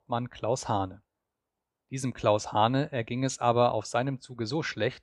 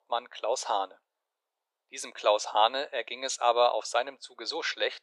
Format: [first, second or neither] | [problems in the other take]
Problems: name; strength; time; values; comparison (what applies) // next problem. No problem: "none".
first | thin; very; fading below 500 Hz